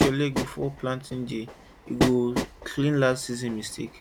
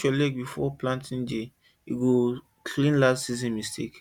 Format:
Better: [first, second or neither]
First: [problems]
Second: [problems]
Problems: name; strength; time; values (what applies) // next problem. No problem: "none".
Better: second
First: background sound (Train); 4 dB below the speech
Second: none